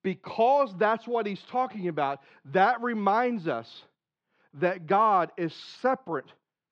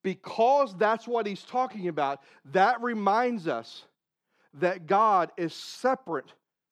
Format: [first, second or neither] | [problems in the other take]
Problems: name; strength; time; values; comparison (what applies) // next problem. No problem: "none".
second | muffled; very slightly; fading above 3 kHz